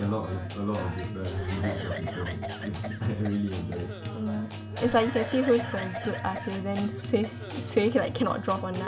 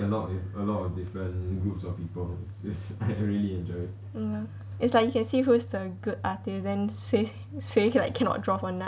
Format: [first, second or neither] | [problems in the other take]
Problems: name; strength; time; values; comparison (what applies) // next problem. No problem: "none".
second | background sound (Guitar + Cough); 8 dB below the speech